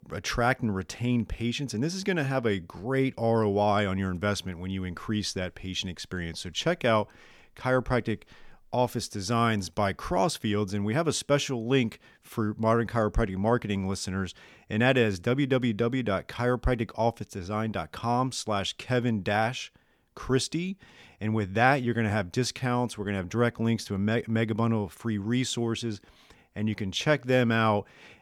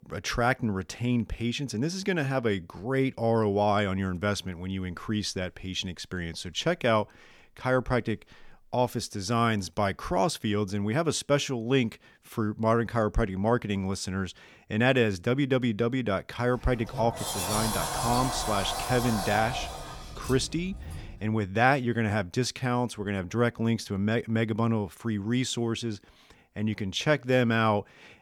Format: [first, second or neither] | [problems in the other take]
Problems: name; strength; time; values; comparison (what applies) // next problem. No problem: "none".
first | door banging; noticeable; from 17 to 21 s; peak 1 dB below the speech